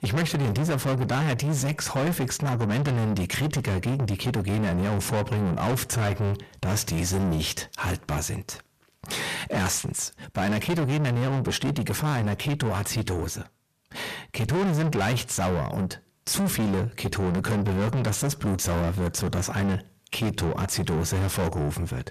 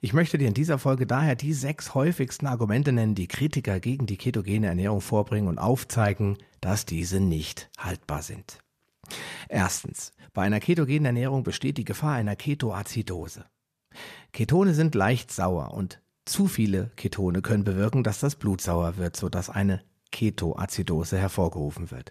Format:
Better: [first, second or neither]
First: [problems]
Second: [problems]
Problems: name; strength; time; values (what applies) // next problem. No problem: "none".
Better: second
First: distortion; heavy; 6 dB below the speech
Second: none